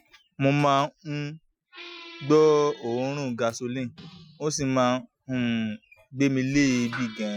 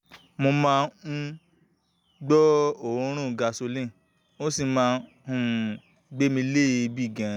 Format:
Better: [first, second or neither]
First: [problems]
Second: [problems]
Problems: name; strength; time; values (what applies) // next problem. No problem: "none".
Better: second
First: noise reduction (classical method Wiener filter)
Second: none